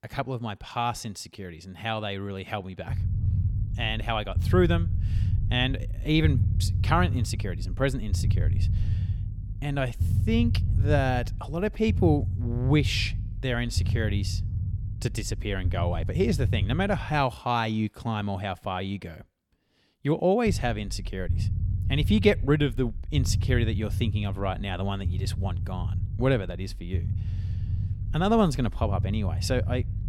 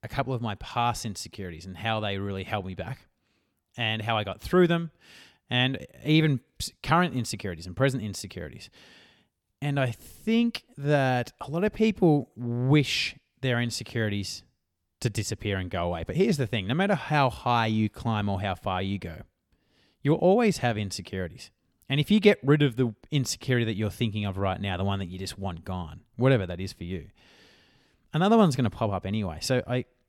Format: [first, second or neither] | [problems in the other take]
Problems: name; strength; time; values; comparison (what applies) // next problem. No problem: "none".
second | low rumble; noticeable; from 3 to 17 s and from 20 s on; 15 dB below the speech